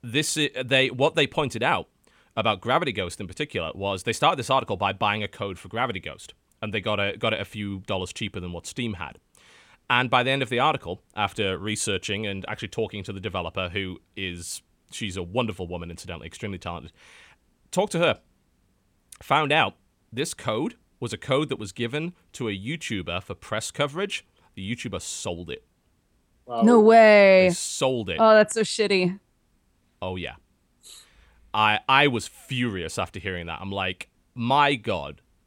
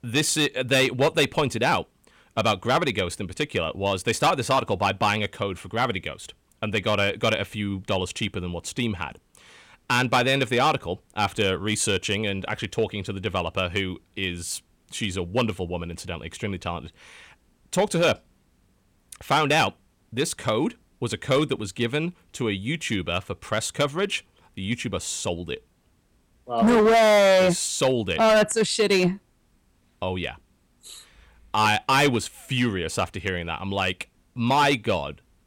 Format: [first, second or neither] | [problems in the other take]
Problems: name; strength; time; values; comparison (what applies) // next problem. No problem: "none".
first | distortion; heavy; 4% of the sound clipped